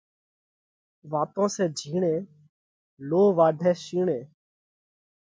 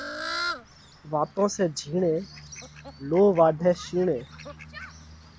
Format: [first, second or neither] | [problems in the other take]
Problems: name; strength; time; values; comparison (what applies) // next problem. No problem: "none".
first | background sound (Fowl); 12 dB below the speech